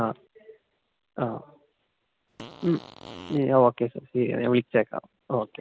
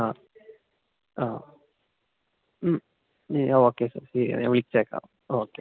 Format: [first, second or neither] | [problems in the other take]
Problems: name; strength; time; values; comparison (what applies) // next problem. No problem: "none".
second | background sound (Fart); 16 dB below the speech